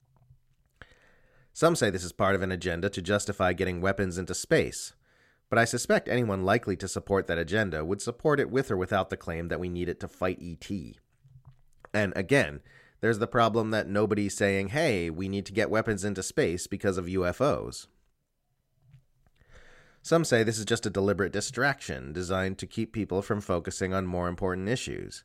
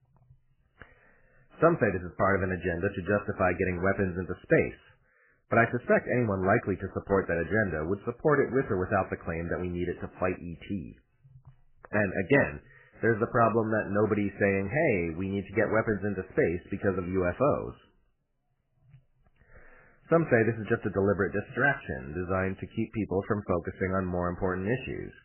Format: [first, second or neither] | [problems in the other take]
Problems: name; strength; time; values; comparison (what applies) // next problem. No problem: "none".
first | garbled, watery; badly; nothing above 2.5 kHz